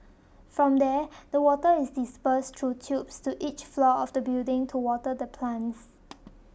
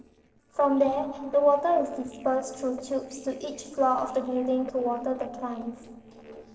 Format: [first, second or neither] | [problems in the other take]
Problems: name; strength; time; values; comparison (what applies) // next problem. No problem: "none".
first | noise reduction (neural separator model SepFormer DNS4)